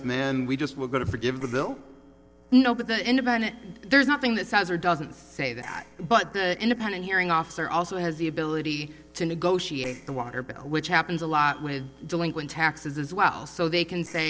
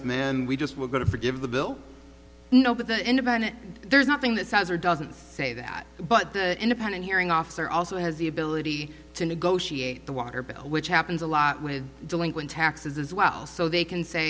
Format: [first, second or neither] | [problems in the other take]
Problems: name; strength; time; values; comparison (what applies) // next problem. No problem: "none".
second | noise reduction (neural separator model SepFormer DNS4)